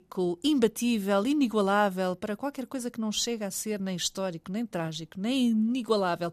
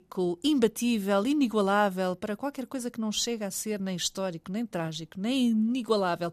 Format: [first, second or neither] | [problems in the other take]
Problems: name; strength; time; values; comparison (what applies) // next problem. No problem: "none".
neither | none